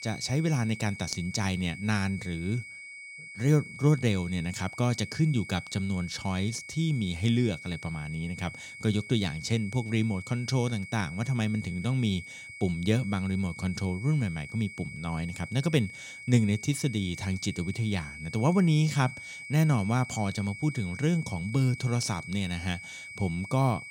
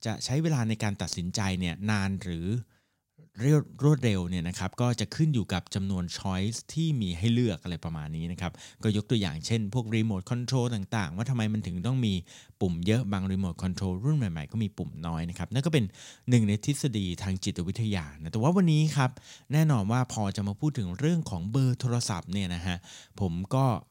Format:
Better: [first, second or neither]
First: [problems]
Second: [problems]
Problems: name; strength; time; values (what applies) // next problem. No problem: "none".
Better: second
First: high-pitched whine; noticeable; throughout; 2 kHz, 10 dB below the speech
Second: none